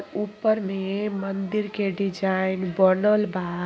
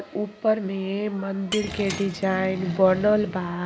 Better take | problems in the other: first | background sound (Shatter + Accelerating, revving, vroom); 11 dB below the speech

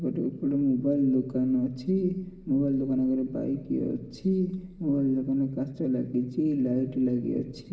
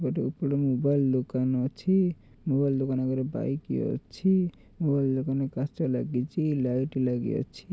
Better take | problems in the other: second | room echo; dies away in 1.6 s

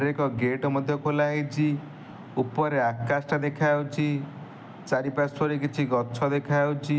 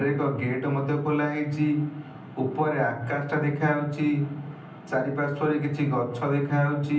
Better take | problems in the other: first | room echo; dies away in 0.6 s

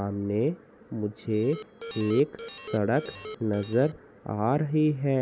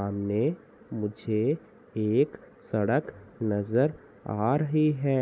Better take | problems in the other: second | background sound (Alarm); 14 dB below the speech

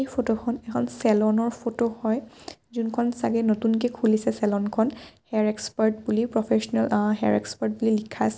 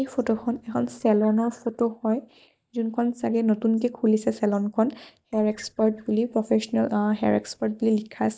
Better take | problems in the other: first | noise reduction (neural mask model DeepFilterNet 3)

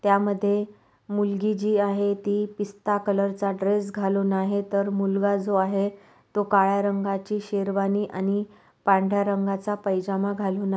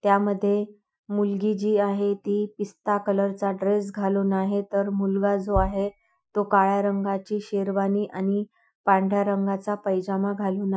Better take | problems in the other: first | noise reduction (classical method Wiener filter)

